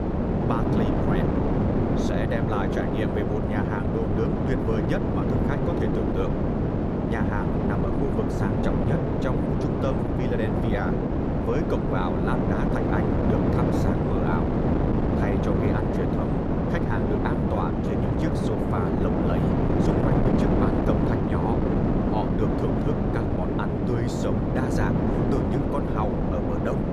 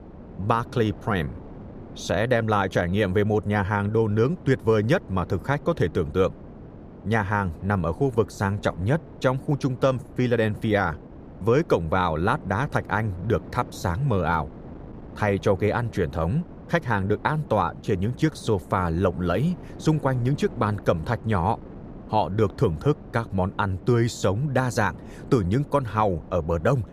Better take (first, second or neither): second